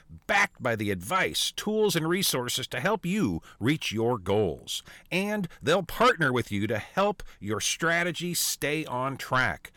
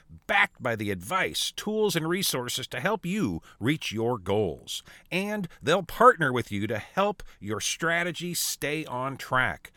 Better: second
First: distortion; slight; 10 dB below the speech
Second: none

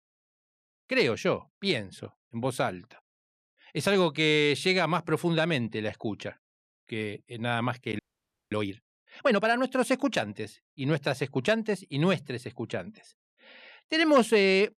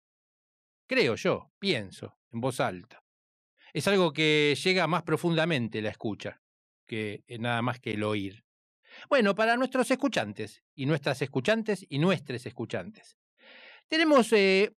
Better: second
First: audio freezing; at 8 s for 0.5 s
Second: none

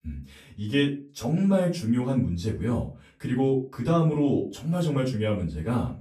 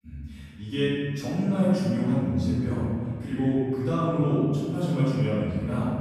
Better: first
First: room echo; slight; dies away in 0.3 s // off-mic speech; far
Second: room echo; strong; dies away in 2.1 s // off-mic speech; far

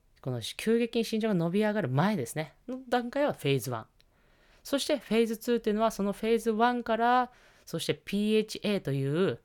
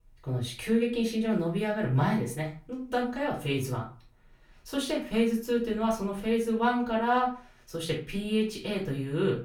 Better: first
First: none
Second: off-mic speech; far // room echo; slight; dies away in 0.3 s

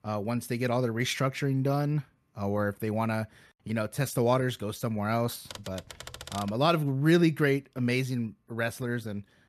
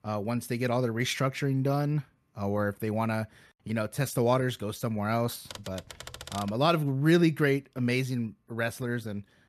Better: neither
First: keyboard typing; faint; from 5.5 to 6.5 s; peak 10 dB below the speech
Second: keyboard typing; faint; from 5.5 to 6.5 s; peak 10 dB below the speech

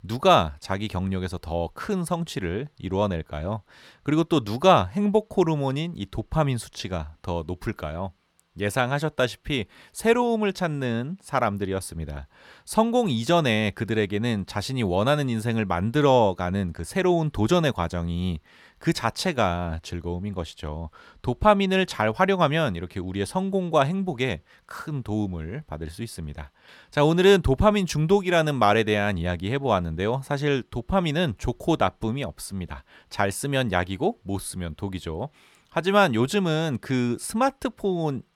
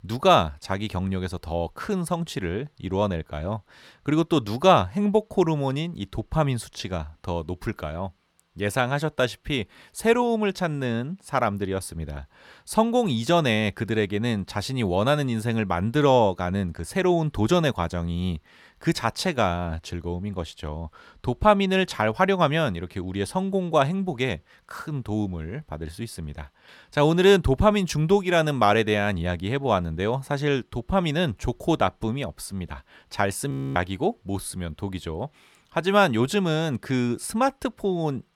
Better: first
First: none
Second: audio freezing; at 34 s

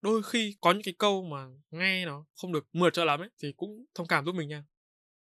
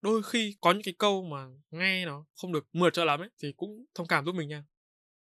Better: neither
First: none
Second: none

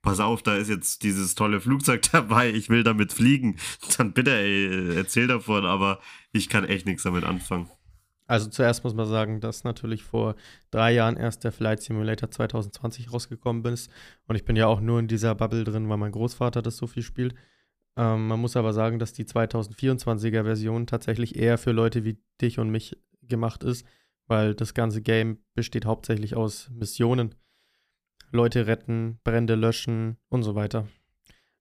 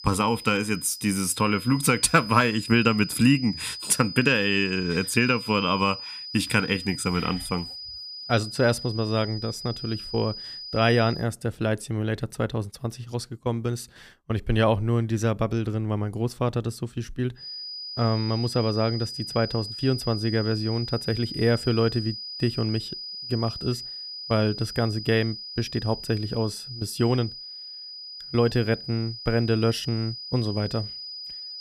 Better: first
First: none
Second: high-pitched whine; loud; until 11 s and from 17 s on; 5 kHz, 9 dB below the speech

